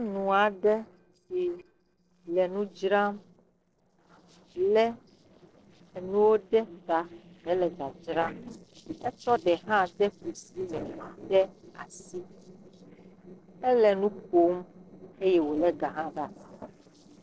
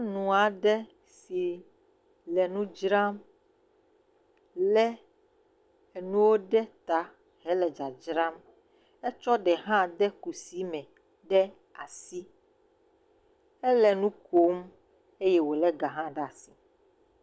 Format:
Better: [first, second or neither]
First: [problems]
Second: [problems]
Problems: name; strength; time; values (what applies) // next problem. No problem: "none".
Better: second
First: noise reduction (neural separator model SepFormer DNS4)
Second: none